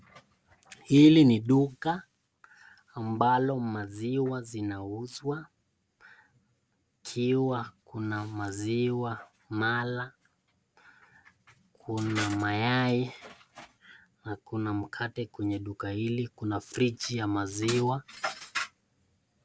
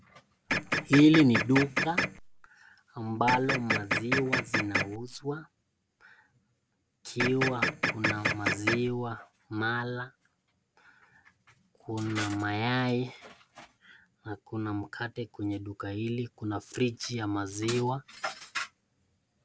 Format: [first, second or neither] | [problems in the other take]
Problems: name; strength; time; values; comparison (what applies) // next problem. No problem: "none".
first | background sound (Printer); 1 dB above the speech